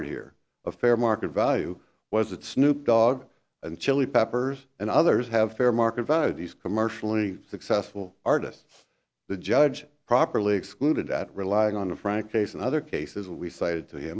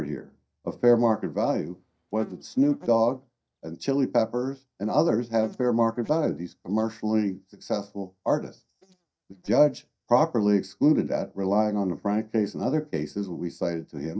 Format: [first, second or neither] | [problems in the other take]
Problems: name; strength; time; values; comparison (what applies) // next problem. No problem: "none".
first | noise reduction (neural mask model DeepFilterNet 3)